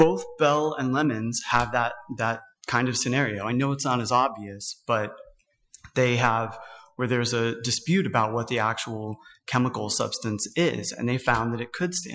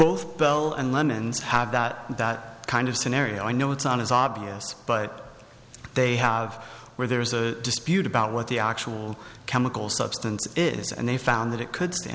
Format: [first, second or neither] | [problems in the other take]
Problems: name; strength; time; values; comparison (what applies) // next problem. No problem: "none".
second | noise reduction (classical method Wiener filter)